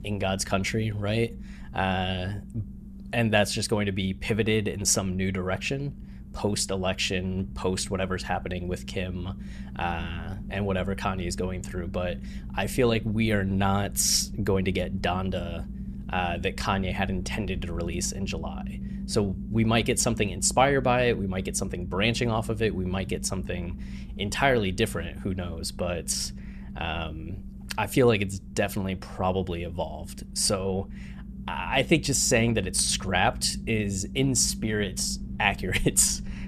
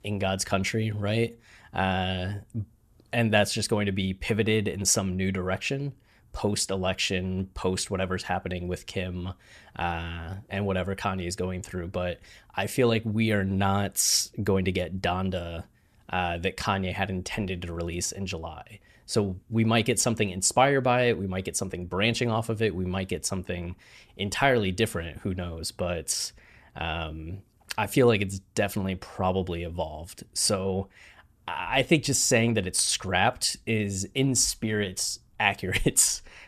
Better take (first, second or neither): second